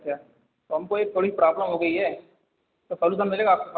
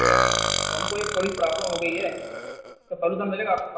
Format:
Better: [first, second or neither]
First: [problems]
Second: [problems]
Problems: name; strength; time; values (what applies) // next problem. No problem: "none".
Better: first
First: none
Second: background sound (Burping, eructation); 1 dB above the speech // room echo; dies away in 0.9 s